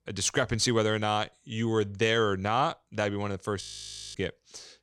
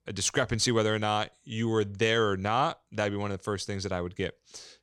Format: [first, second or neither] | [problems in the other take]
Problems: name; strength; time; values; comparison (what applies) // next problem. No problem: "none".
second | audio freezing; at 3.5 s for 0.5 s